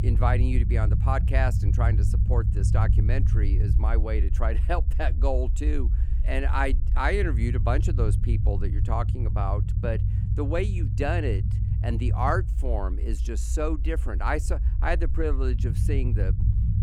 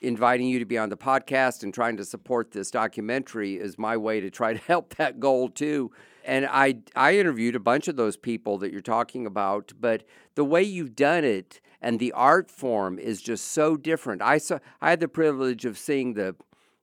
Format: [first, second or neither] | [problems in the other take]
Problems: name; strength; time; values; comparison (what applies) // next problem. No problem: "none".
second | low rumble; noticeable; throughout; 10 dB below the speech